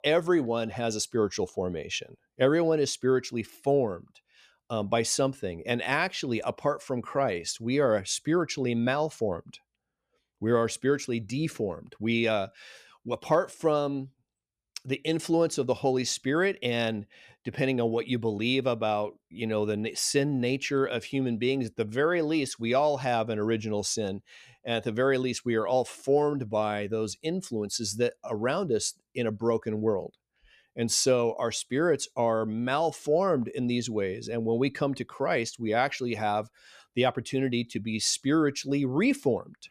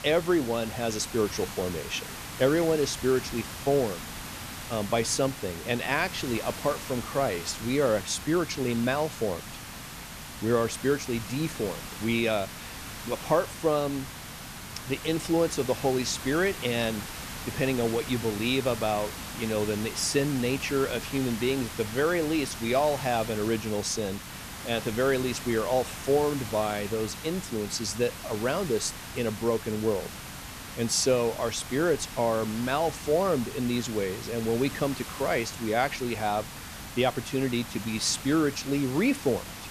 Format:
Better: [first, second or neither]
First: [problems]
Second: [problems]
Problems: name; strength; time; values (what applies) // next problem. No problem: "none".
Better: first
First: none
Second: hiss; loud; throughout; 10 dB below the speech